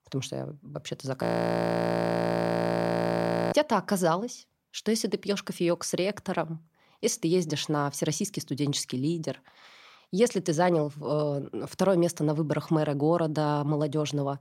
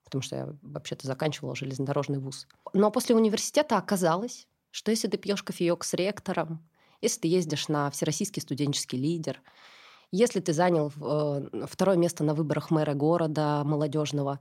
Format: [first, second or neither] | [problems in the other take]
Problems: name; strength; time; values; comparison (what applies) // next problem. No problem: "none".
second | audio freezing; at 1 s for 2.5 s